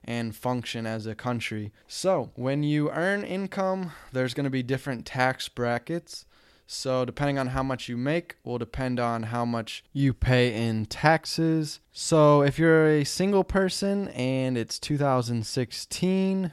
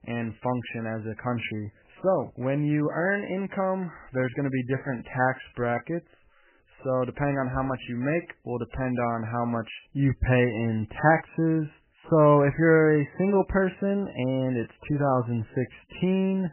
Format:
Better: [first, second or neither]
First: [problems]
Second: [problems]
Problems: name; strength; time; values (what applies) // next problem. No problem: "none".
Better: first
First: none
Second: garbled, watery; badly; nothing above 3 kHz